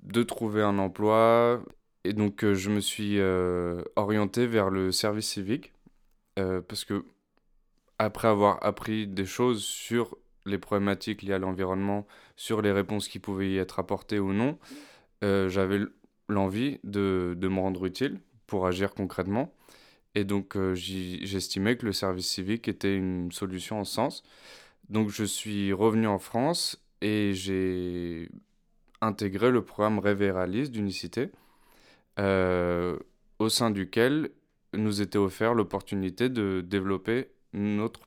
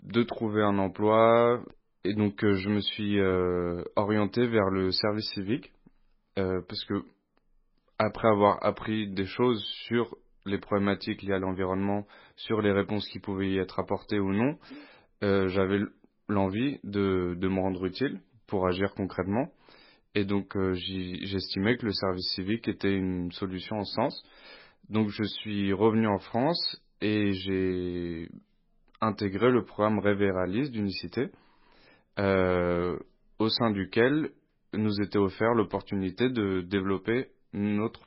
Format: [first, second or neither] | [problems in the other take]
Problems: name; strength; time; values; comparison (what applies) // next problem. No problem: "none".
first | garbled, watery; badly; nothing above 5 kHz